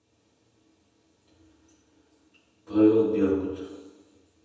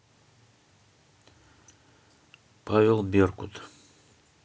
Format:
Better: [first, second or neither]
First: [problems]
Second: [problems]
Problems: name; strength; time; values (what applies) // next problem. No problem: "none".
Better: second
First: room echo; dies away in 1.1 s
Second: none